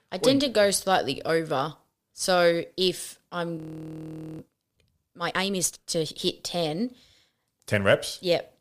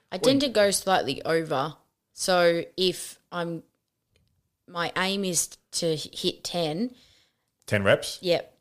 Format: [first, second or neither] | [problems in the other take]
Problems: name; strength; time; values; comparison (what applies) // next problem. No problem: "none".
second | audio freezing; at 3.5 s for 1 s